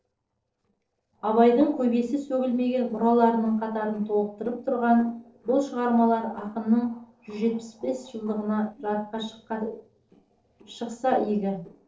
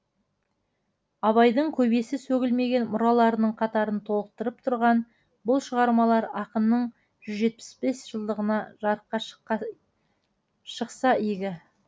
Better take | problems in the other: second | noise reduction (neural separator model SepFormer DNS4)

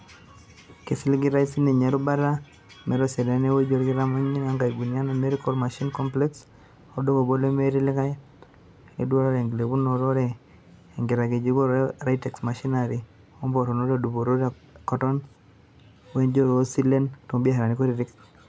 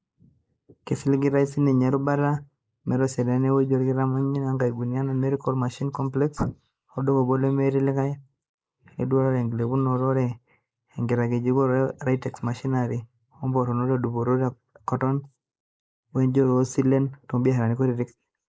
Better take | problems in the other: first | noise reduction (neural mask model Resemble Enhance denoiser)

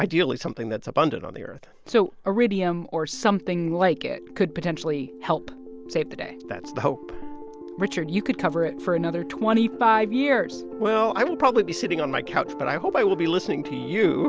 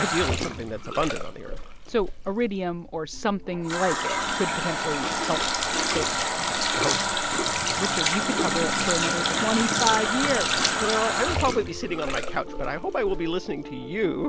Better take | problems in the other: first | background sound (Water tap, faucet); 1 dB above the speech

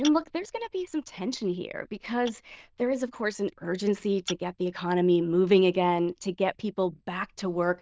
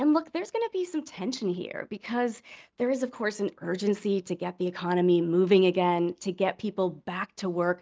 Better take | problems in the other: second | noise reduction (neural diffusion model UNIVERSE++)

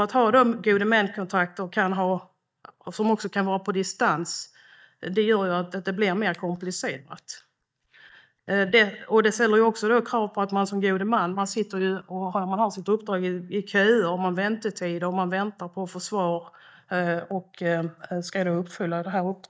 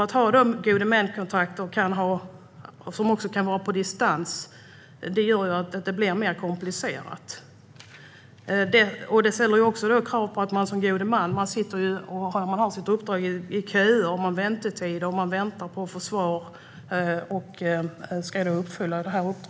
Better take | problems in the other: second | noise reduction (neural mask model DeepFilterNet 3)

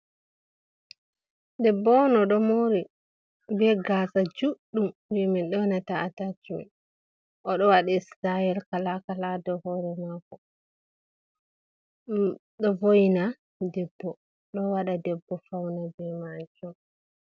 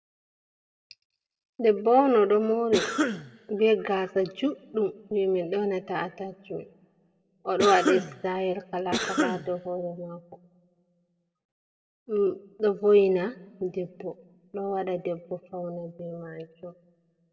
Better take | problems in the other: first | background sound (Cough); 3 dB below the speech // room echo; dies away in 0.7 s

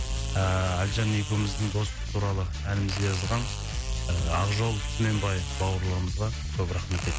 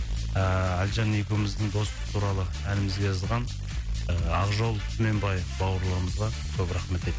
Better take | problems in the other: second | background sound (Fart); 13 dB below the speech

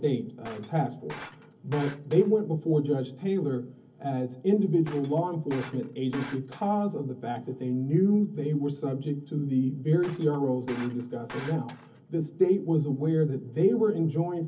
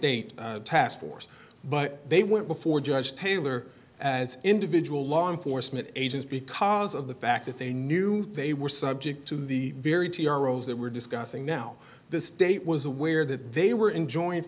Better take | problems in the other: second | background sound (Shatter); 18 dB below the speech // room echo; dies away in 0.3 s

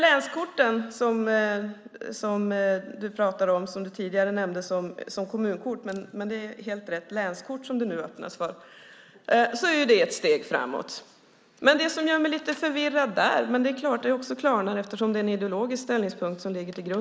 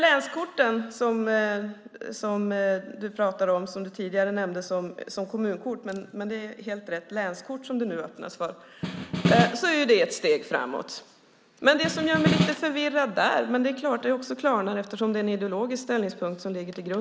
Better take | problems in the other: first | background sound (Snare drum); as loud as the speech

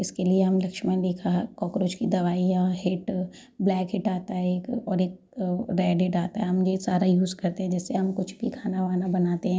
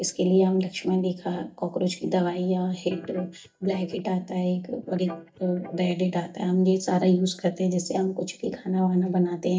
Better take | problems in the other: first | noise reduction (neural mask model DeepFilterNet 3)

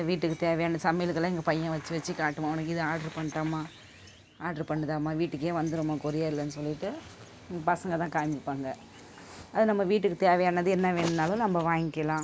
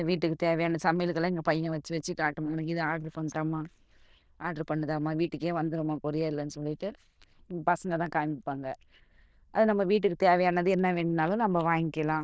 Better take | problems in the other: first | noise reduction (neural diffusion model UNIVERSE++)

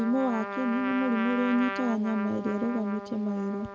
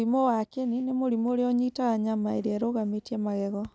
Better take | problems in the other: second | background sound (Trumpet); 7 dB below the speech // room echo; dies away in 0.6 s

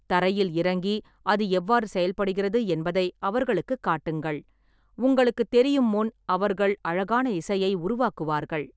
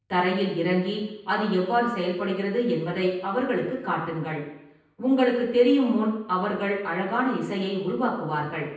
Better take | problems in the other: first | room echo; dies away in 0.9 s

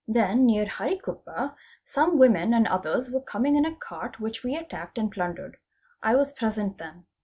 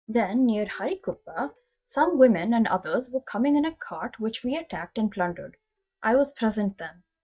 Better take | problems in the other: first | noise reduction (neural mask model DeepFilterNet 3)

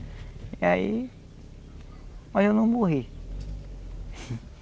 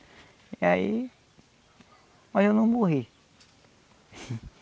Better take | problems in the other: second | background sound (Engine); 12 dB below the speech

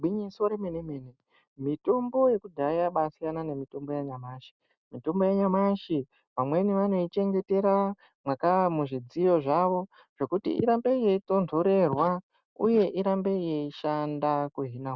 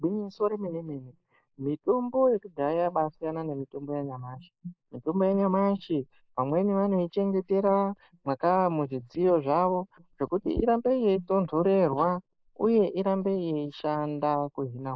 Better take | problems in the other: first | noise reduction (neural mask model Resemble Enhance denoiser)

